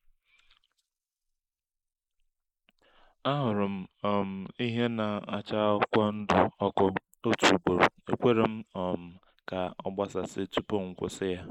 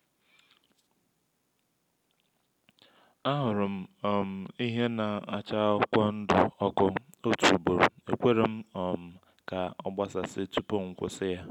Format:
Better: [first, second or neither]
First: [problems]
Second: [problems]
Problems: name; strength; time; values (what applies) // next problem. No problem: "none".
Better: second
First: noise reduction (neural mask model Resemble Enhance denoiser)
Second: none